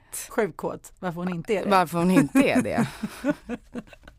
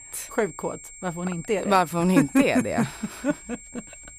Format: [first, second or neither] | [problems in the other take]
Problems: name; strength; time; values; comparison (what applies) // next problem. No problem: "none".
first | high-pitched whine; noticeable; throughout; 7.5 kHz, 15 dB below the speech